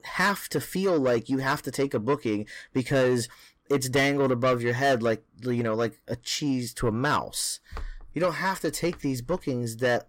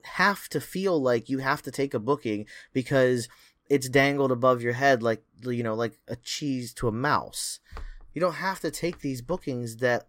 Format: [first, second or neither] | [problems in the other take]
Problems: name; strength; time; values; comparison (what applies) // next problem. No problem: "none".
second | distortion; slight; 10 dB below the speech